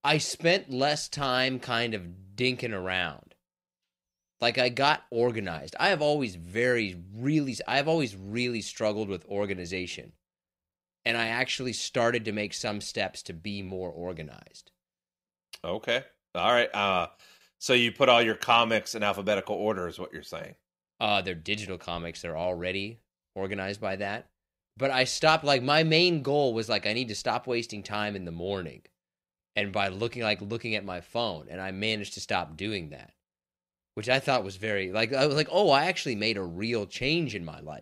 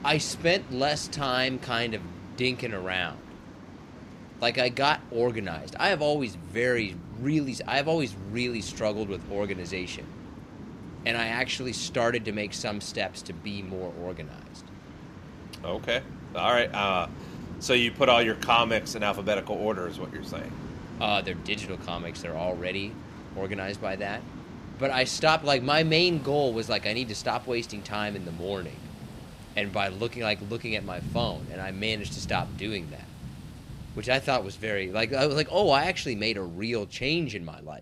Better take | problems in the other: first | rain or running water; noticeable; throughout; 15 dB below the speech

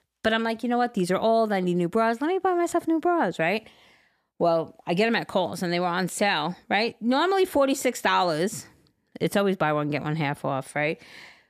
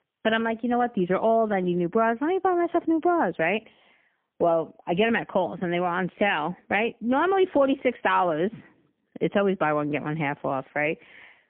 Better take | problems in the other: first | phone-call audio; poor line; nothing above 3 kHz

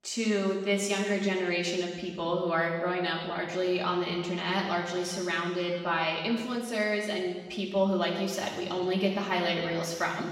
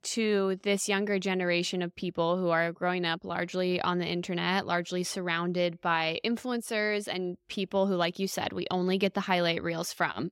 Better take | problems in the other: second | room echo; noticeable; dies away in 1.2 s // off-mic speech; far

